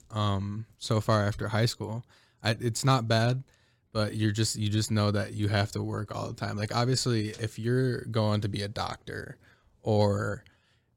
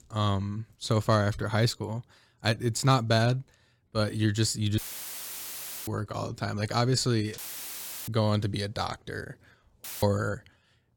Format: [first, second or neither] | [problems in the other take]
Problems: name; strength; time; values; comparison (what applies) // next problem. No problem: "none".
first | audio cutting out; filled with static; at 5 s for 1 s, at 7.5 s for 0.5 s and at 10 s